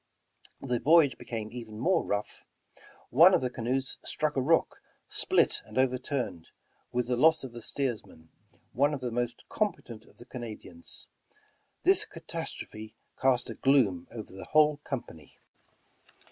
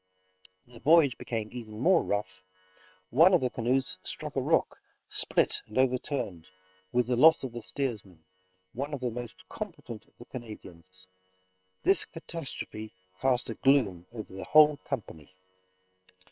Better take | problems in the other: first | noise reduction (neural separator model SepFormer WHAM!)

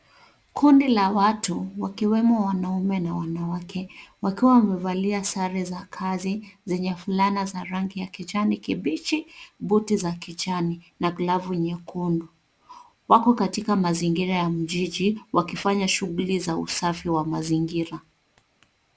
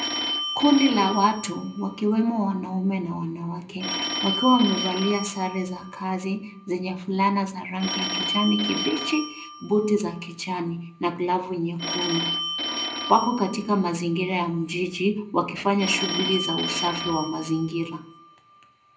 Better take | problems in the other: first | background sound (Telephone); 7 dB below the speech // room echo; dies away in 0.5 s

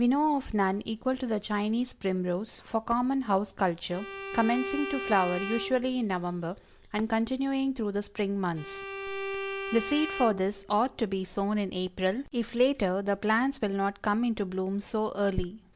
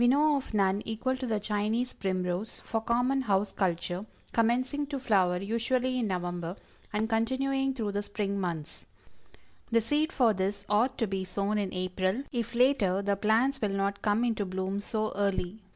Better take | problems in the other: second | background sound (Bowed string instrument); 9 dB below the speech

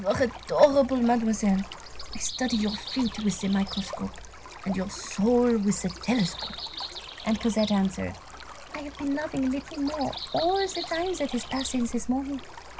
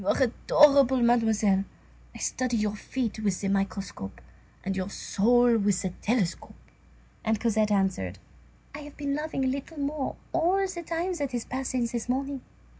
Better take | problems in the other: second | background sound (Stream + Bird vocalization, bird call, bird song); 12 dB below the speech

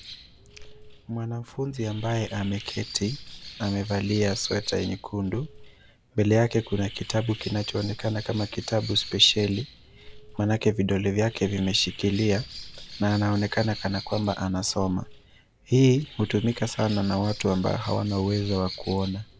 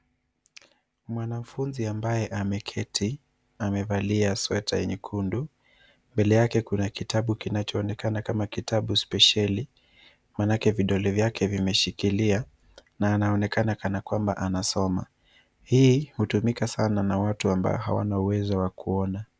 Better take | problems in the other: second | background sound (Bird); 15 dB below the speech

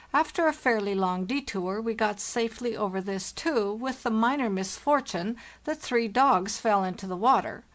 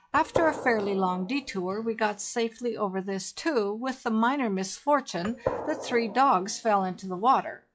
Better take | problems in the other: first | noise reduction (classical method log-MMSE)

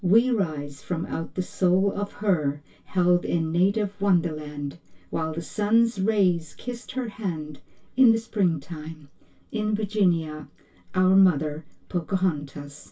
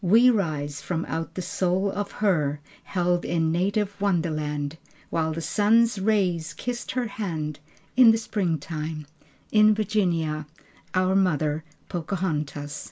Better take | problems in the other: second | room echo; dies away in 0.1 s

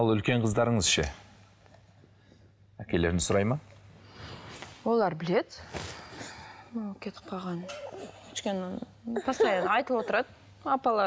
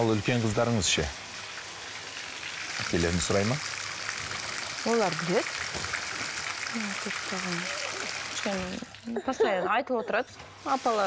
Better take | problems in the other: first | background sound (Bathtub (filling or washing)); 6 dB below the speech

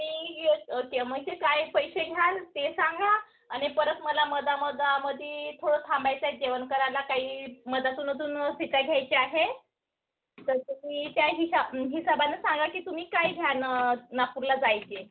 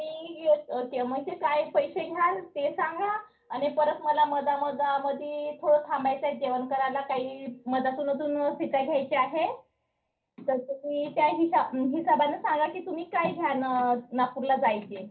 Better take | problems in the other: first | room echo; dies away in 0.3 s

